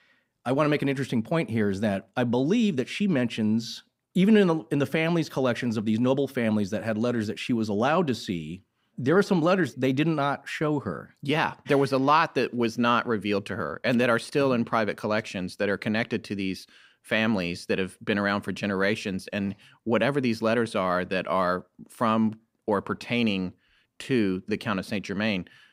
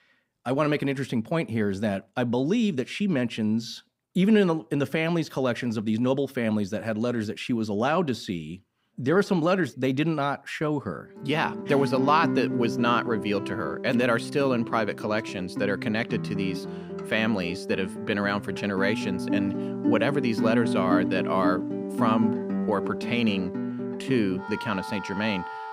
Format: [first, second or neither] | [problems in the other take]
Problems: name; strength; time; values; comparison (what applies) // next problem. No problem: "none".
first | background music; loud; from 12 s on; 4 dB below the speech